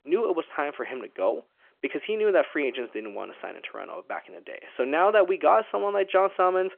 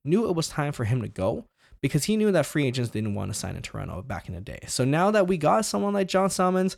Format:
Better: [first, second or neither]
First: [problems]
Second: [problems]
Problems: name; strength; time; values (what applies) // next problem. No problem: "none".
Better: second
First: phone-call audio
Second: none